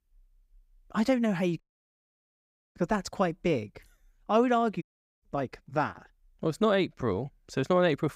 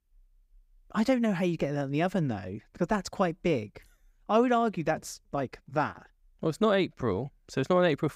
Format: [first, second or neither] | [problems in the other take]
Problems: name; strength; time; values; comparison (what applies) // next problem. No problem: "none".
second | audio cutting out; at 1.5 s for 1 s and at 5 s